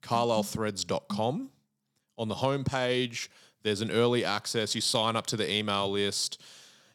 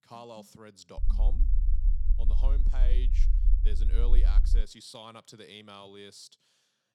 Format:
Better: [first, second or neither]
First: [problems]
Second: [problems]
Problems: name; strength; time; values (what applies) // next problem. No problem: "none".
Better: first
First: none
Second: low rumble; loud; from 1 to 4.5 s; 7 dB below the speech